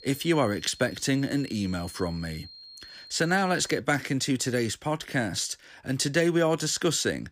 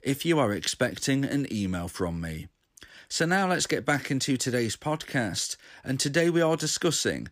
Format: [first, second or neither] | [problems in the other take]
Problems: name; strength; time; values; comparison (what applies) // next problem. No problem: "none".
second | high-pitched whine; noticeable; until 4 s; 4 kHz, 20 dB below the speech